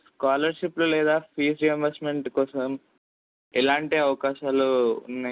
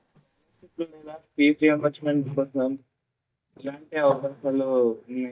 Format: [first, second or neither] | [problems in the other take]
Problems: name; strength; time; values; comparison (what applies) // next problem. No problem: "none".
first | noise reduction (neural mask model DeepFilterNet 3)